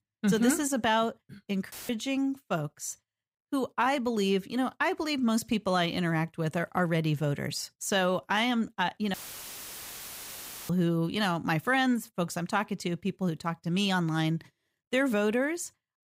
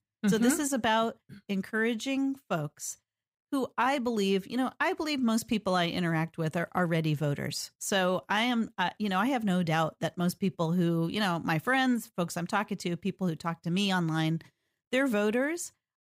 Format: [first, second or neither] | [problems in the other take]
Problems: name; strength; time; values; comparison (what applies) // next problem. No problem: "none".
second | audio cutting out; filled with static; at 1.5 s and at 9 s for 1.5 s